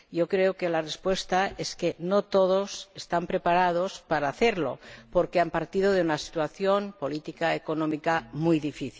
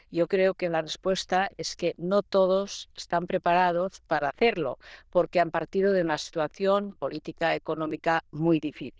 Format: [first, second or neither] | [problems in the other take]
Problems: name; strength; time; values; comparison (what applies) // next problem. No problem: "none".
first | noise reduction (neural diffusion model UNIVERSE++)